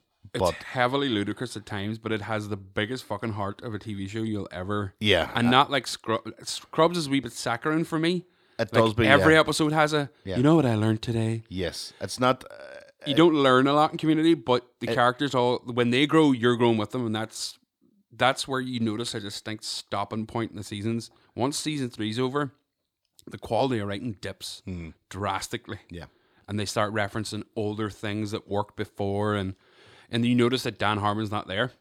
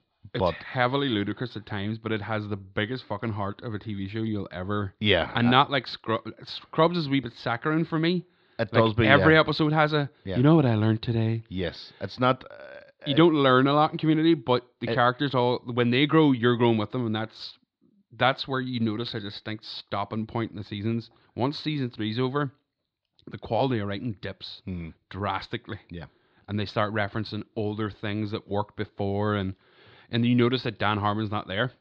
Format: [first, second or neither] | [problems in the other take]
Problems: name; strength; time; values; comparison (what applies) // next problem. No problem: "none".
first | muffled; very slightly; fading above 4 kHz